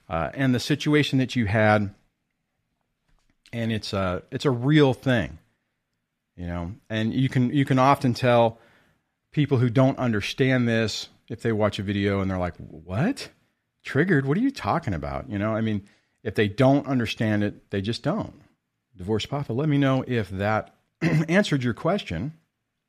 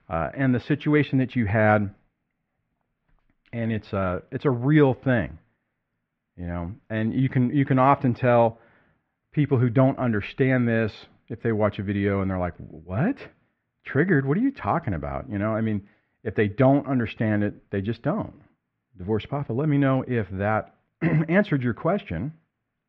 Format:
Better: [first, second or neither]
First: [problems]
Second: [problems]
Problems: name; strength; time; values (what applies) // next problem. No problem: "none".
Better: first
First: none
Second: muffled; very; fading above 2.5 kHz